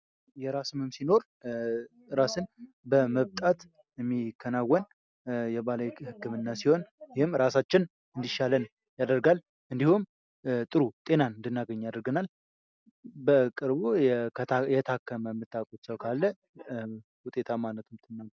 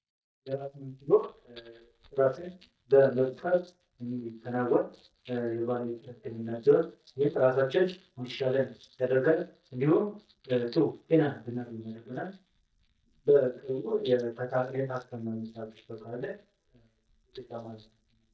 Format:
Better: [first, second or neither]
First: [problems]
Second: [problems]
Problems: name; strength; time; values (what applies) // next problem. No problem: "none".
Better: first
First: none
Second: noise reduction (neural mask model DeepFilterNet 3)